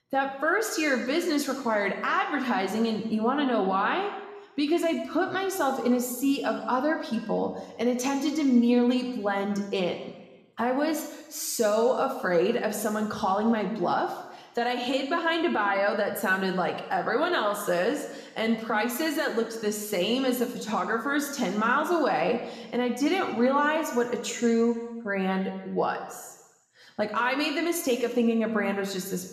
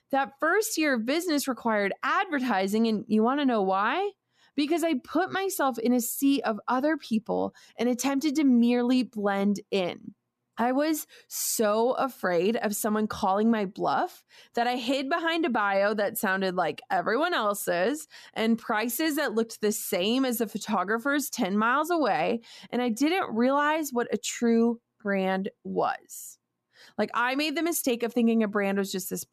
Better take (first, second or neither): second